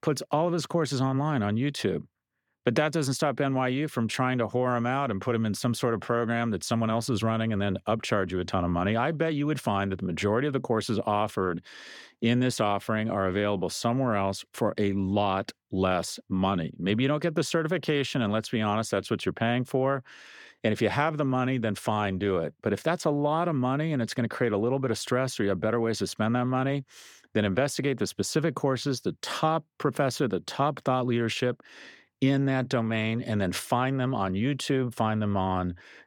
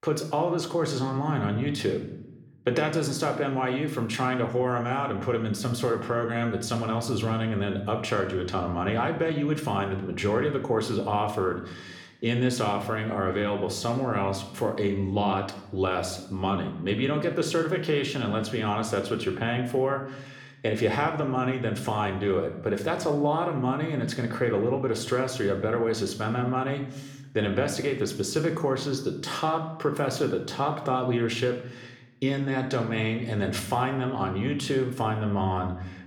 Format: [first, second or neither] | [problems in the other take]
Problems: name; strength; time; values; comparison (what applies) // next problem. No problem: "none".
first | room echo; slight; dies away in 0.7 s